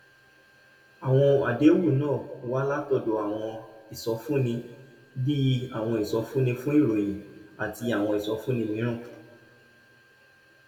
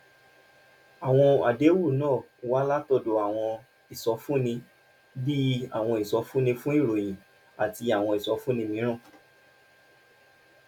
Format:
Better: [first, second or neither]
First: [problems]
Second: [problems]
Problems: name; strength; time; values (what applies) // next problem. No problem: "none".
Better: second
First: room echo; dies away in 1.2 s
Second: none